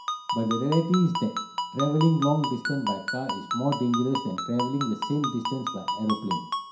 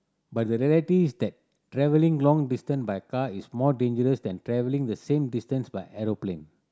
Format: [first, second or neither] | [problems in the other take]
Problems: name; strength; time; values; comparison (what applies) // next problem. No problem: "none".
second | background sound (Ringtone); 5 dB below the speech // room echo; dies away in 0.5 s